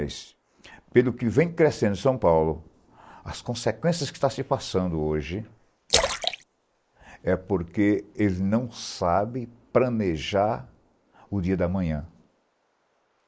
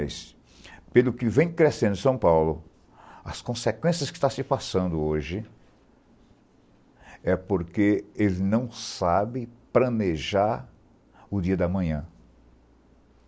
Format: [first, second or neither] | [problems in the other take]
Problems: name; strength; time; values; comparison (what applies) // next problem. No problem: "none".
second | noise reduction (neural mask model Resemble Enhance denoiser)